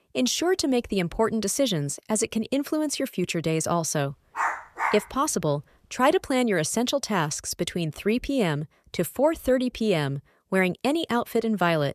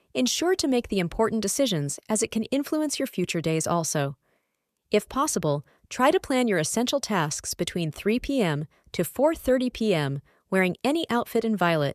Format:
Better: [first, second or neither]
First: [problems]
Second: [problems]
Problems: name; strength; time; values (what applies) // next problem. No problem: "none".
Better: second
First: dog barking; noticeable; at 4.5 s; peak 3 dB below the speech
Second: none